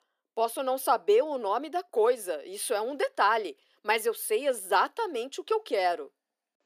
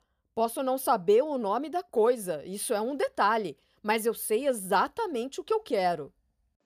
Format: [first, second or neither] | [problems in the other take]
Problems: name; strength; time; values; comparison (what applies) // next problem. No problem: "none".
second | thin; somewhat; fading below 300 Hz